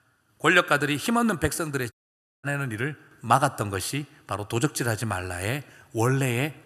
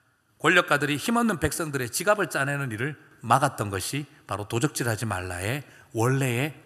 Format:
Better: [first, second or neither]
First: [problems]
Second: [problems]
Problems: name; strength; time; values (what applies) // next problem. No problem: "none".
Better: second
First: audio cutting out; at 2 s for 0.5 s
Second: none